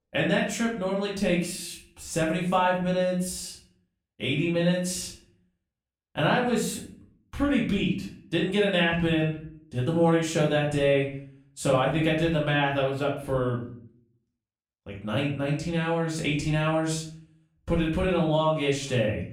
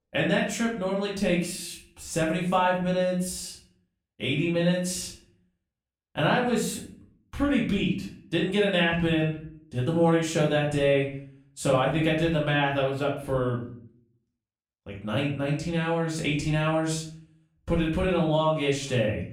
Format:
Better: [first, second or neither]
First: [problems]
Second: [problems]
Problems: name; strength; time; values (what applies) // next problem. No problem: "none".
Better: neither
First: room echo; slight; dies away in 0.4 s // off-mic speech; far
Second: room echo; slight; dies away in 0.4 s // off-mic speech; far